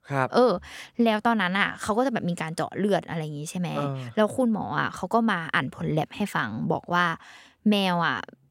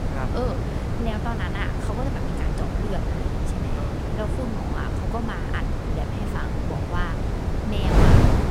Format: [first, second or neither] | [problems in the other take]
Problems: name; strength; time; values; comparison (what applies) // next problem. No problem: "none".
first | wind noise on the microphone; heavy; 2 dB above the speech